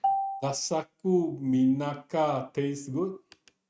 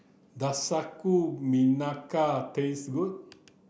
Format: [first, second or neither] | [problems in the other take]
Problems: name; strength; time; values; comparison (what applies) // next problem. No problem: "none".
second | noise reduction (neural mask model RNNoise)